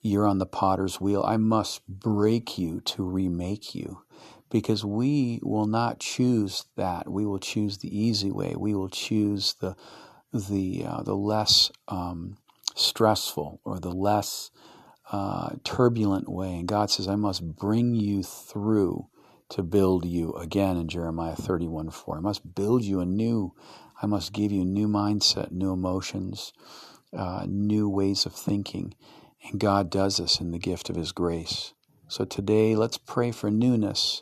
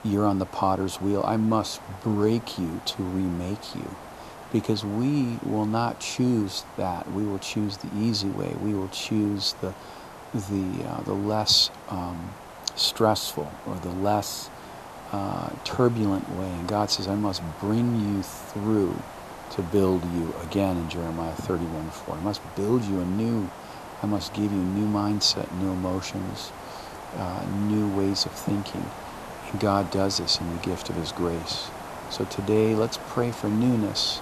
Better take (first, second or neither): first